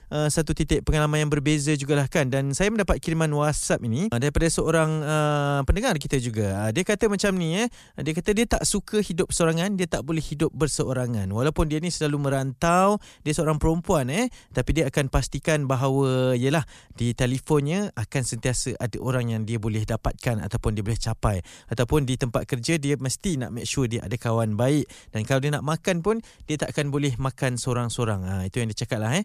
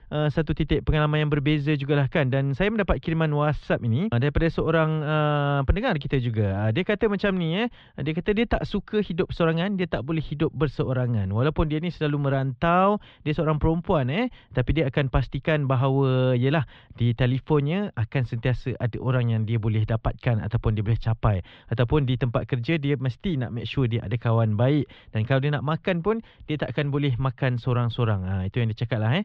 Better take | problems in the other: first | muffled; very; fading above 3.5 kHz

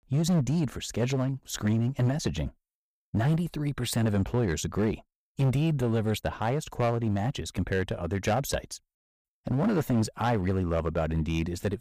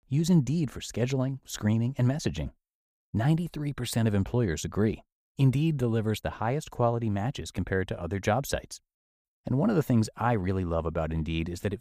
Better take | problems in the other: second | distortion; slight; 9% of the sound clipped

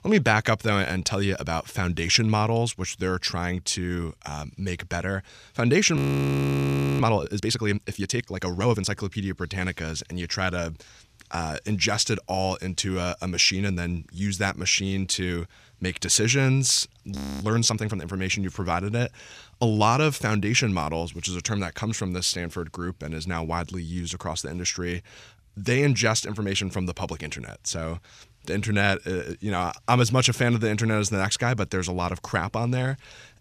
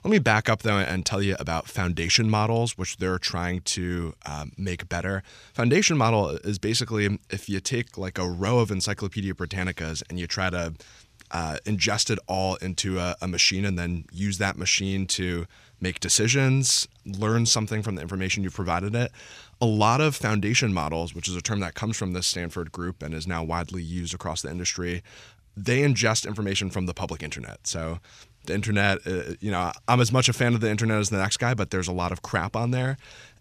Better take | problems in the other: second | audio freezing; at 6 s for 1 s and at 17 s

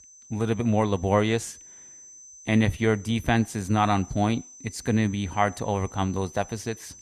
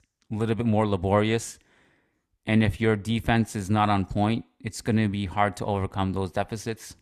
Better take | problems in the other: second | high-pitched whine; noticeable; throughout; 6 kHz, 20 dB below the speech

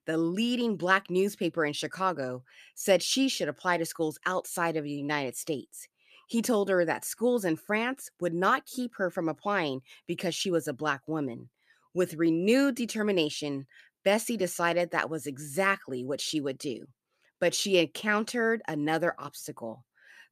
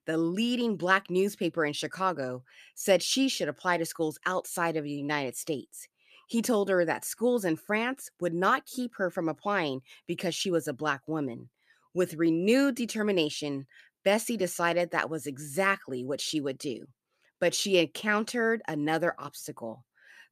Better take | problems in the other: neither | none

